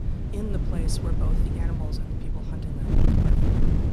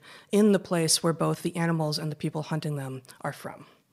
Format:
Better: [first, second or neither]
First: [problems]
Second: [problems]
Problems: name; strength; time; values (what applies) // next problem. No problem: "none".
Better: second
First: wind noise on the microphone; heavy; 5 dB above the speech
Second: none